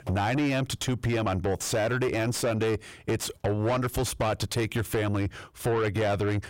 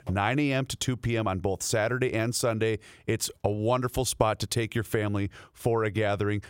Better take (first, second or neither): second